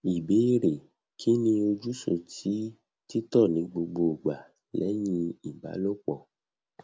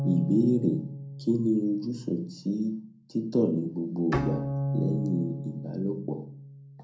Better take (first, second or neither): first